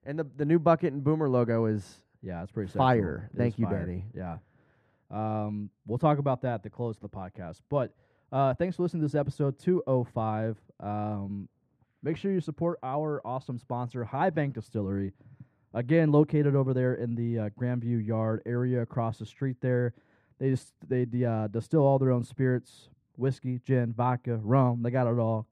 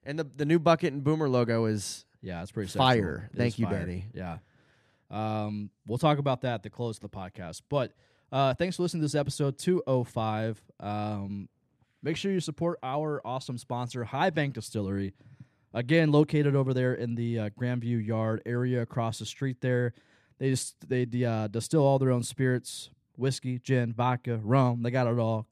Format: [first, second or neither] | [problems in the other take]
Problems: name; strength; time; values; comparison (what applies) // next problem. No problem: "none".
second | muffled; very; fading above 2.5 kHz